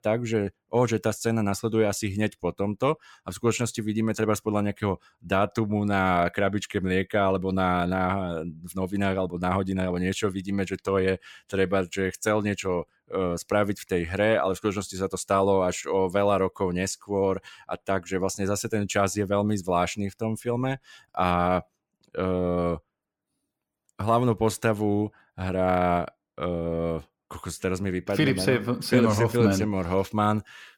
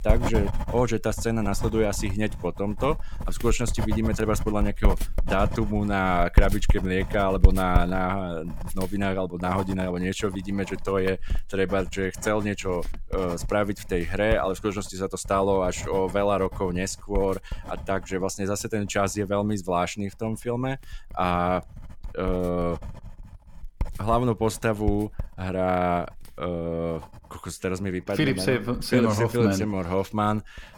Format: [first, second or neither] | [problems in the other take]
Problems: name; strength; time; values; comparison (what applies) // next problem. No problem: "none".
first | household noises; loud; throughout; 6 dB below the speech